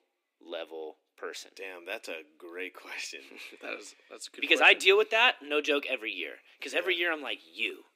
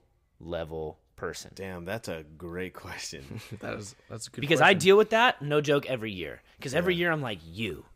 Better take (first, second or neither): second